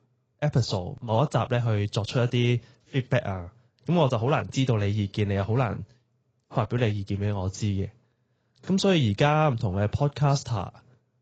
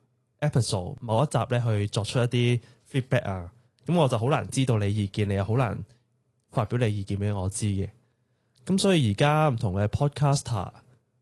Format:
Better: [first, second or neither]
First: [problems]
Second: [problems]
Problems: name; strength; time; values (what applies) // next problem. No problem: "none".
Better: second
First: garbled, watery; badly; nothing above 7.5 kHz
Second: garbled, watery; slightly